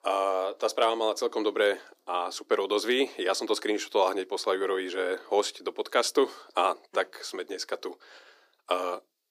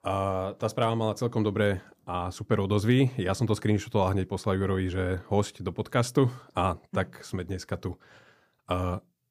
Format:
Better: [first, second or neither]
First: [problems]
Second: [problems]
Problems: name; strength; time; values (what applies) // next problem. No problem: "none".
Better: second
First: thin; very; fading below 350 Hz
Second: none